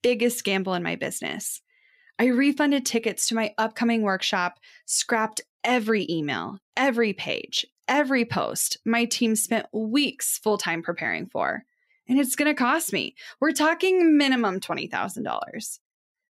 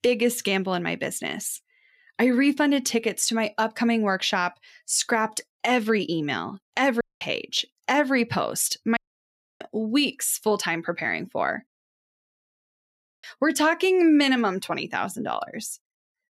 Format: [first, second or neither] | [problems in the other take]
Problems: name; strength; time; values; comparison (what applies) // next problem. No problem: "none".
first | audio cutting out; at 7 s, at 9 s for 0.5 s and at 12 s for 1.5 s